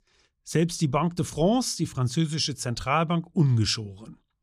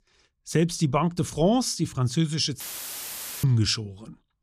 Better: first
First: none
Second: audio cutting out; filled with static; at 2.5 s for 1 s

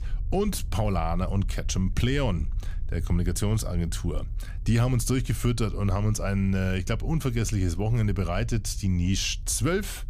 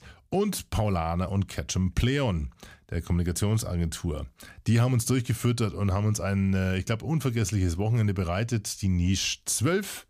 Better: second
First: low rumble; faint; throughout; 25 dB below the speech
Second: none

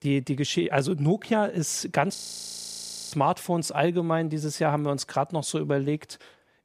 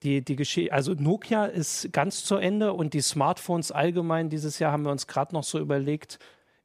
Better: second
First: audio freezing; at 2 s for 1 s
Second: none

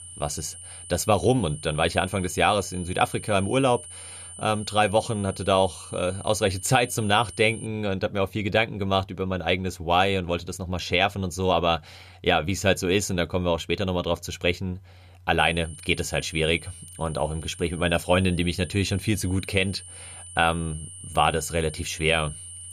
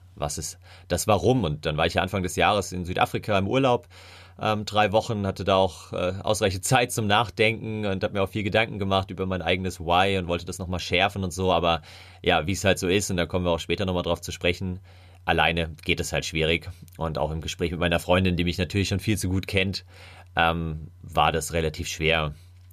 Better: second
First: high-pitched whine; noticeable; until 7.5 s and from 15 s on; 9 kHz, 15 dB below the speech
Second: none

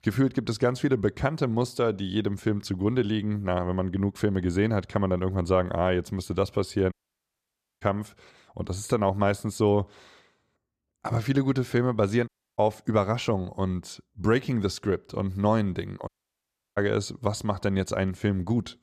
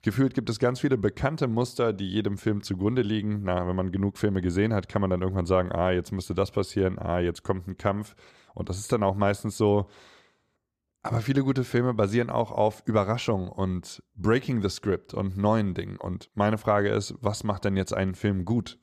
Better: second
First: audio cutting out; at 7 s for 1 s, at 12 s and at 16 s for 0.5 s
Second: none

